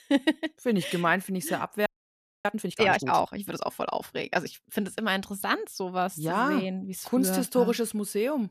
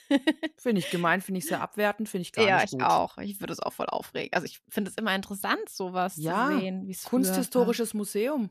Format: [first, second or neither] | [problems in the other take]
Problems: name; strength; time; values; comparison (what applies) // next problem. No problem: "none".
second | audio freezing; at 2 s for 0.5 s